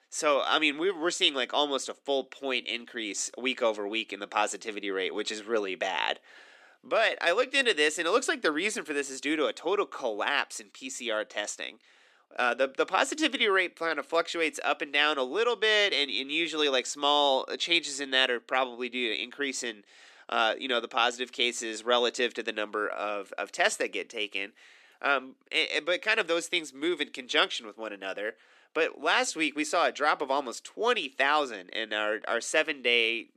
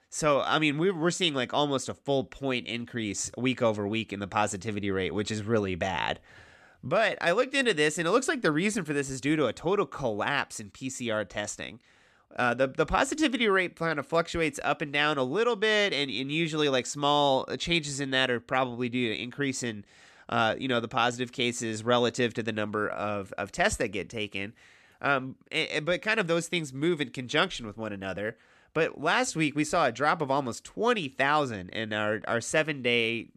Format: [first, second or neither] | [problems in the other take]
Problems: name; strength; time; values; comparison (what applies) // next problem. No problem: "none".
second | thin; somewhat; fading below 300 Hz